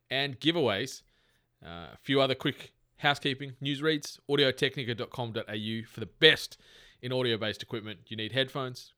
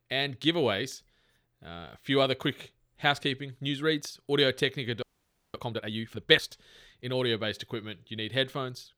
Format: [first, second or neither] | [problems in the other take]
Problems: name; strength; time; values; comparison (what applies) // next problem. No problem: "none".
first | audio freezing; at 5 s for 0.5 s